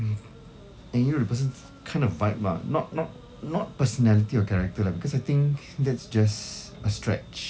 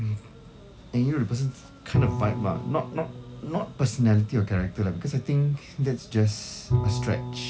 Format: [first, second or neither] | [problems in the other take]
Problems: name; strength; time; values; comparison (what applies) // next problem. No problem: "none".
first | background sound (Bowed string instrument); 7 dB below the speech